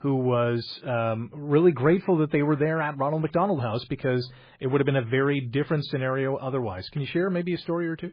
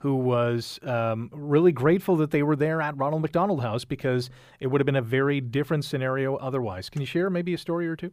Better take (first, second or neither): second